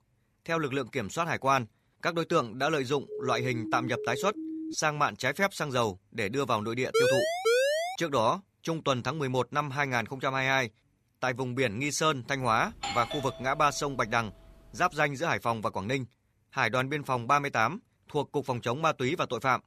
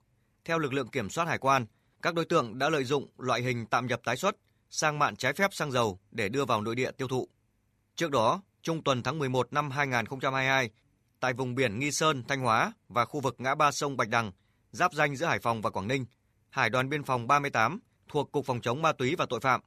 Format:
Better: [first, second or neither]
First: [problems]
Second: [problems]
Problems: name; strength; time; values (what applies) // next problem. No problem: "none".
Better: second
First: siren; noticeable; from 3 to 5 s; peak 8 dB below the speech // siren; loud; from 7 to 8 s; peak 4 dB above the speech // doorbell; noticeable; from 13 to 15 s; peak 5 dB below the speech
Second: none